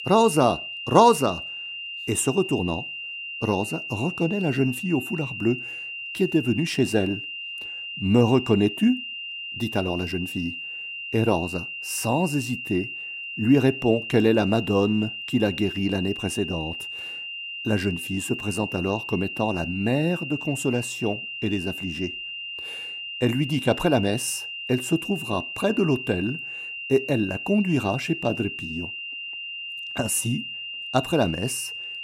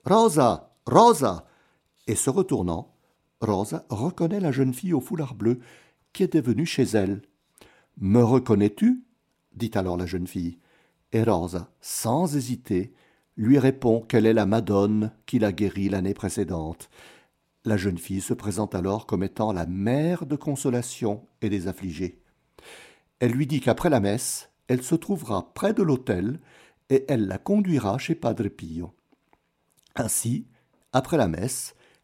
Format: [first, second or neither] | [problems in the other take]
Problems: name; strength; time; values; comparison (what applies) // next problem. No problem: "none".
second | high-pitched whine; loud; throughout; 3 kHz, 7 dB below the speech